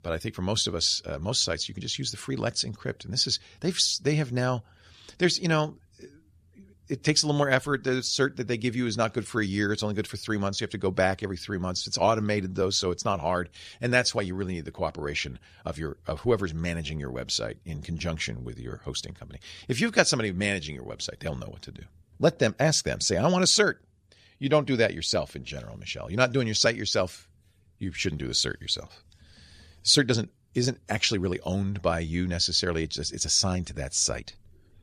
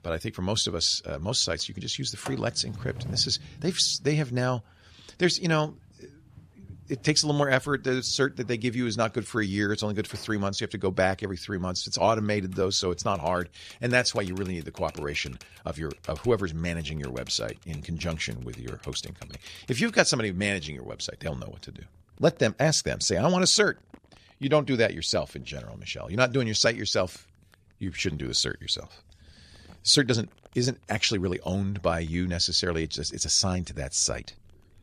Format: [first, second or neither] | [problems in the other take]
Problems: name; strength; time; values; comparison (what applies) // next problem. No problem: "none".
first | household noises; faint; throughout; 20 dB below the speech